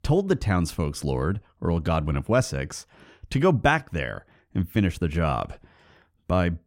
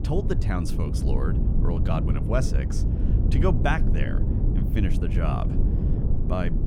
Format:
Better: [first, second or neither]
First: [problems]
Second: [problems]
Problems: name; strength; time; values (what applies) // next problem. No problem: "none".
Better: first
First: none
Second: low rumble; loud; throughout; 5 dB below the speech